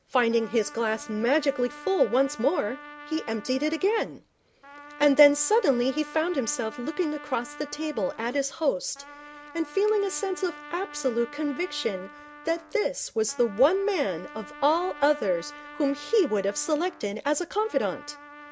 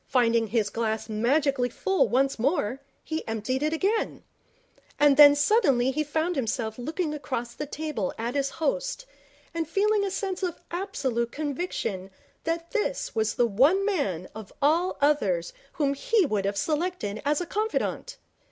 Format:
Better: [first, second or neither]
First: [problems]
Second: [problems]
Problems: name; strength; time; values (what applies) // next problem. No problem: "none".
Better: second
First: background sound (Trumpet); 18 dB below the speech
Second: none